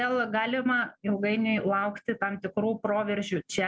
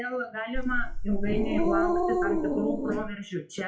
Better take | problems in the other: first | noise reduction (classical method WPE with log-MMSE)

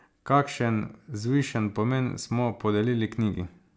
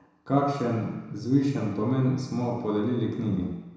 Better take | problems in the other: first | room echo; dies away in 1 s

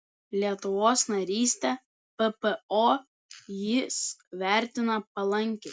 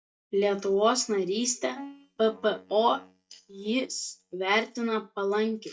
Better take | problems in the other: first | noise reduction (neural mask model DeepFilterNet 3)

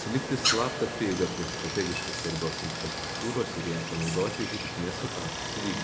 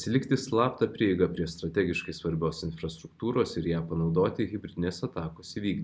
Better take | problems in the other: second | background sound (Stream); 1 dB below the speech

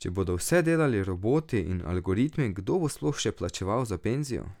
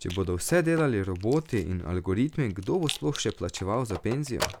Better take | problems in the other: first | background sound (Rattle + Telephone); 14 dB below the speech

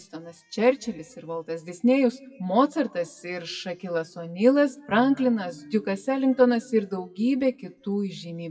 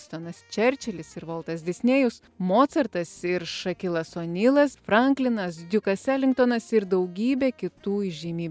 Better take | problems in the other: second | noise reduction (classical method WPE with log-MMSE)

